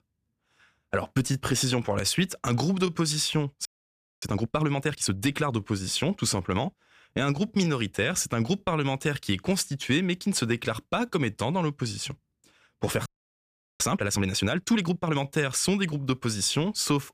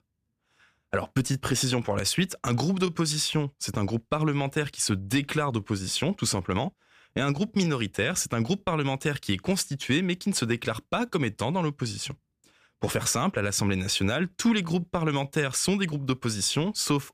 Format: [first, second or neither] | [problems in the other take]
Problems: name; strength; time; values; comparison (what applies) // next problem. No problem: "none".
second | audio freezing; at 3.5 s for 0.5 s and at 13 s for 0.5 s